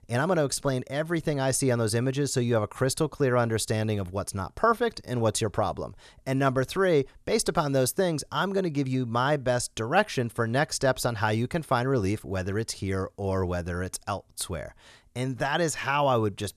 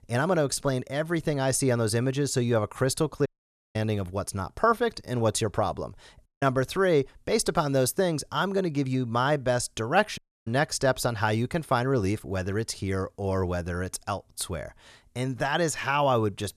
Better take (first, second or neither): first